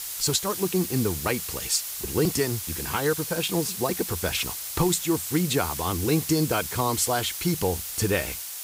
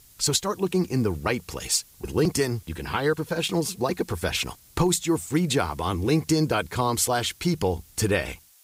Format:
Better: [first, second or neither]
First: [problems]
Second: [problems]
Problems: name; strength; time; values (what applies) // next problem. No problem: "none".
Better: second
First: hiss; loud; throughout; 5 dB below the speech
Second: hiss; faint; throughout; 25 dB below the speech